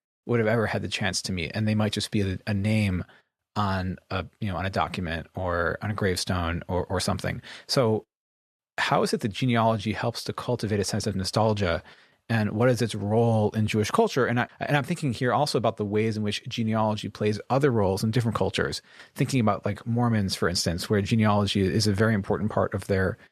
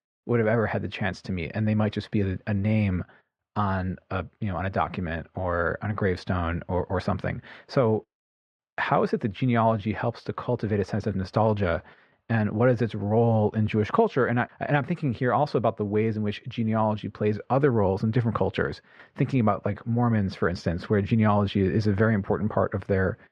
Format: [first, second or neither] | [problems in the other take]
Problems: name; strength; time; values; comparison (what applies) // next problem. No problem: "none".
first | muffled; very; fading above 2 kHz